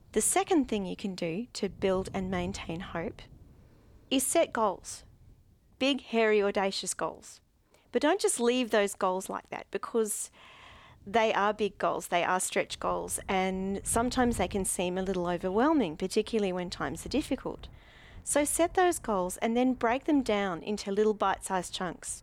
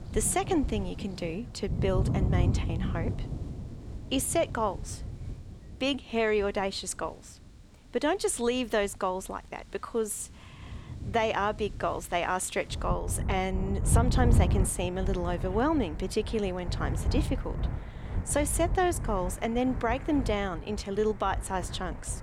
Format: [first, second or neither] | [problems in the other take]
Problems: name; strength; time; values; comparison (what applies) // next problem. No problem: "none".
first | rain or running water; loud; throughout; 3 dB below the speech; faint in the first